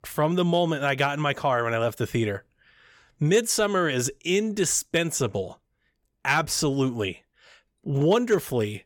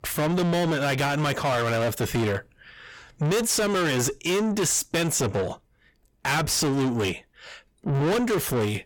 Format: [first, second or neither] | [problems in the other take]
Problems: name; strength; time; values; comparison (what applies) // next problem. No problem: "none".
first | distortion; heavy; 6 dB below the speech